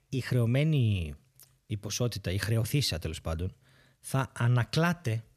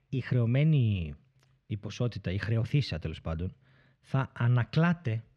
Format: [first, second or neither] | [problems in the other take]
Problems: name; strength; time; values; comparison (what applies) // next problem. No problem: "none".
first | muffled; slightly; fading above 2.5 kHz